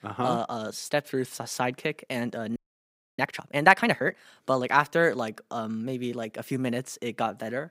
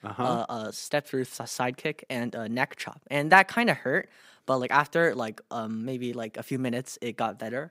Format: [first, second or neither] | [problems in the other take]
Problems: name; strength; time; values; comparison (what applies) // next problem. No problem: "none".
second | audio freezing; at 2.5 s for 0.5 s